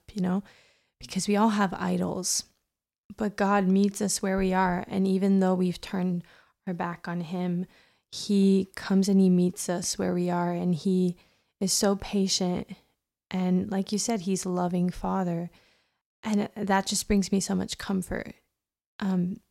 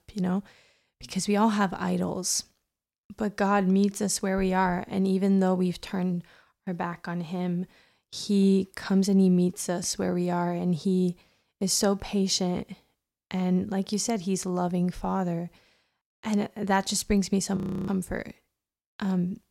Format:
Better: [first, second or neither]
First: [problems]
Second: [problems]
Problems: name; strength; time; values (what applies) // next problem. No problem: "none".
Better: first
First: none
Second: audio freezing; at 18 s